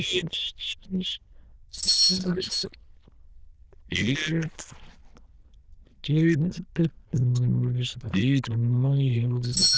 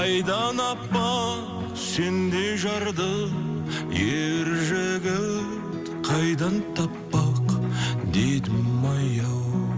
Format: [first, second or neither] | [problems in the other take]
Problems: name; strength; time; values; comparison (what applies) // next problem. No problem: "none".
second | noise reduction (neural diffusion model UNIVERSE++)